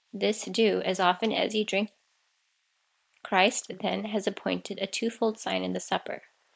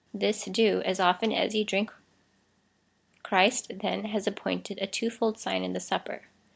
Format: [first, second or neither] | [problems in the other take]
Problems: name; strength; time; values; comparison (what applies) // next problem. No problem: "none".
second | noise reduction (neural mask model Resemble Enhance denoiser)